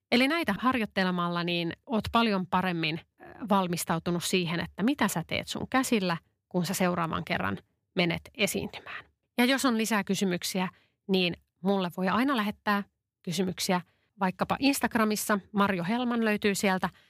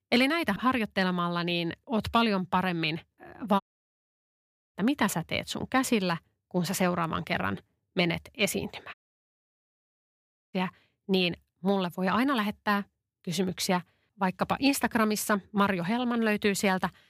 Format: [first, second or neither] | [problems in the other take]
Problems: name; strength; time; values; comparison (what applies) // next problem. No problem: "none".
first | audio cutting out; at 3.5 s for 1 s and at 9 s for 1.5 s